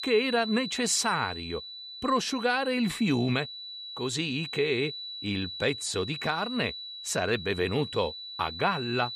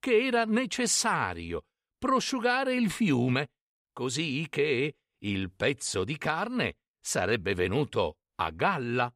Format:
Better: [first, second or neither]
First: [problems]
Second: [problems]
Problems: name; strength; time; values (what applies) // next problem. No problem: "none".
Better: second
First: high-pitched whine; loud; throughout; 4 kHz, 8 dB below the speech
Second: none